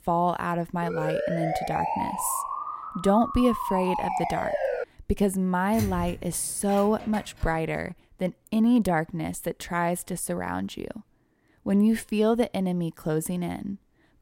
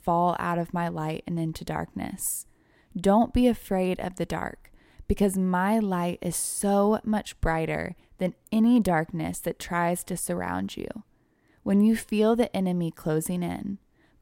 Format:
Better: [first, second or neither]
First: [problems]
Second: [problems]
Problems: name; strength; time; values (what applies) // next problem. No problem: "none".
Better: second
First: siren; noticeable; from 1 to 5 s; peak 1 dB below the speech // door banging; noticeable; from 5.5 to 7 s; peak 6 dB below the speech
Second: none